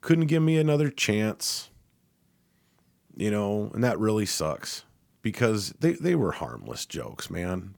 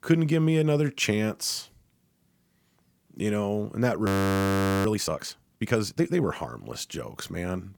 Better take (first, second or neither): first